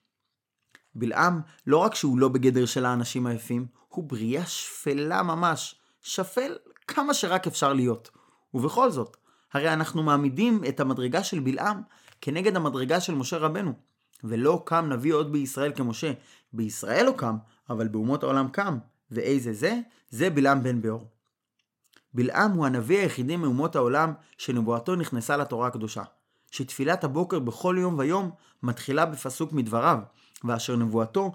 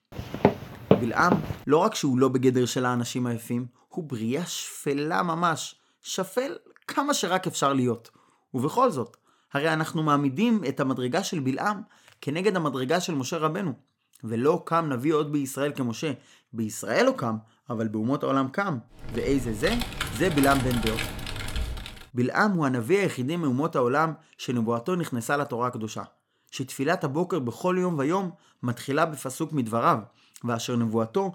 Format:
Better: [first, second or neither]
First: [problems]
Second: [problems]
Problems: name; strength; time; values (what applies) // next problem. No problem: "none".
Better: first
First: none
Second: footsteps; loud; until 1.5 s; peak 2 dB above the speech // keyboard typing; noticeable; from 19 to 22 s; peak 3 dB below the speech